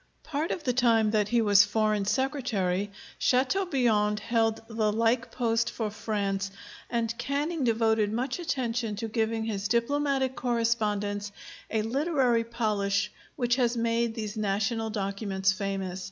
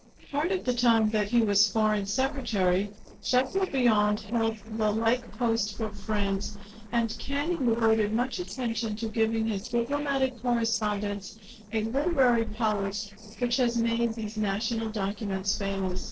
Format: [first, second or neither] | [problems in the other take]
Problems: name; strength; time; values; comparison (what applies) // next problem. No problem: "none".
first | noise reduction (neural separator model SepFormer DNS4)